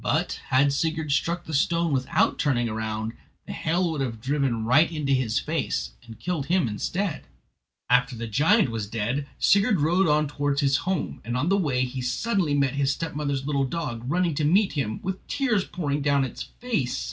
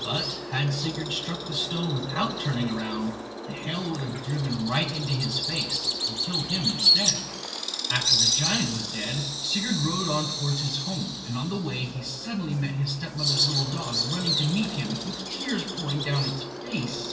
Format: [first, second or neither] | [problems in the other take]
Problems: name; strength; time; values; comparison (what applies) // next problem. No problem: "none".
first | background sound (Bird vocalization, bird call, bird song); as loud as the speech // room echo; dies away in 0.9 s